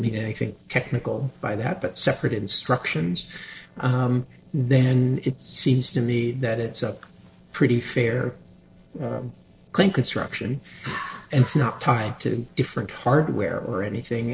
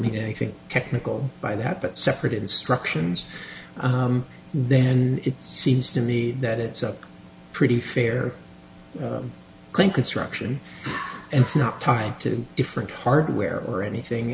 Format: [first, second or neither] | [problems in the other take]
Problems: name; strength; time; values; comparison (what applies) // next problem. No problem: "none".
second | noise reduction (neural separator model SepFormer DNS4)